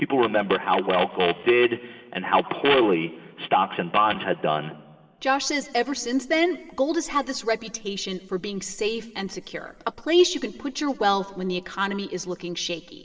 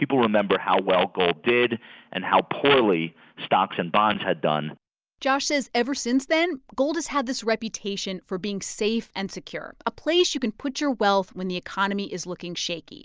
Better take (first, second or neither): second